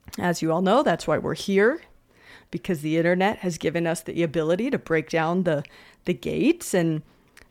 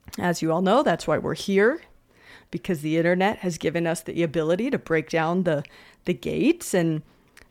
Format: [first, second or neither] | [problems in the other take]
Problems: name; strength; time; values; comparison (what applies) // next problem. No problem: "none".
neither | none